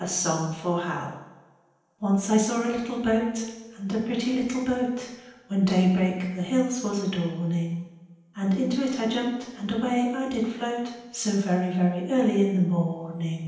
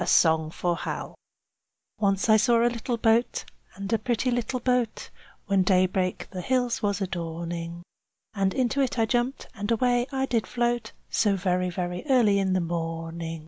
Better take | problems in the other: second | room echo; dies away in 0.9 s

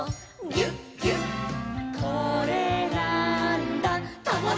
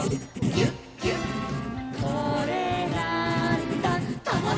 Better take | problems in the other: first | background sound (Writing); 3 dB below the speech

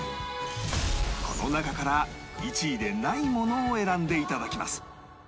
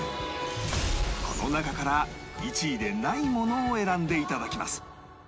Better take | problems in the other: first | background sound (Gong); 16 dB below the speech

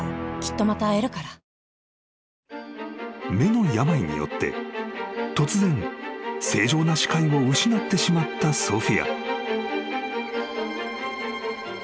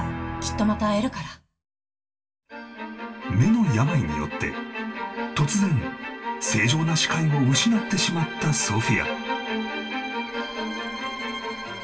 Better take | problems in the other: first | room echo; dies away in 0.2 s

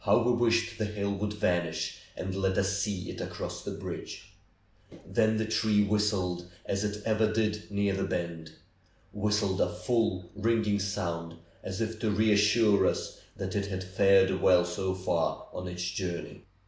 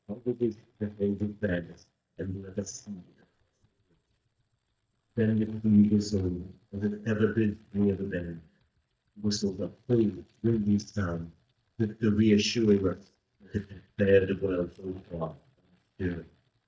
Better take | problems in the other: first | noise reduction (neural mask model DeepFilterNet 3)

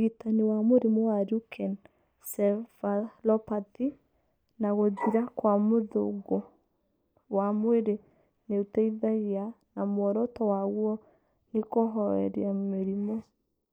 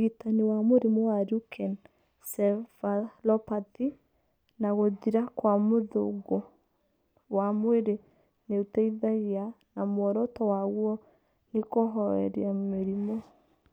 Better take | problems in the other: second | noise reduction (neural mask model Resemble Enhance denoiser)

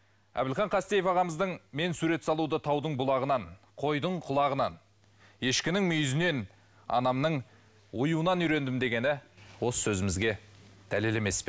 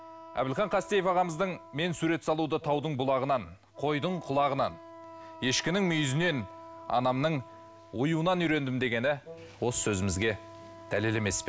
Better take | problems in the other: first | background sound (Wind instrument, woodwind instrument + Wind instrument, woodwind instrument); 19 dB below the speech

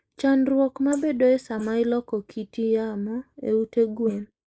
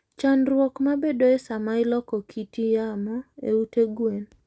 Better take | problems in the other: second | noise reduction (neural mask model Resemble Enhance denoiser)

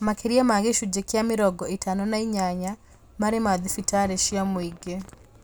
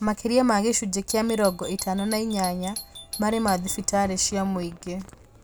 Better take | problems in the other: first | background sound (Doorbell); 14 dB below the speech

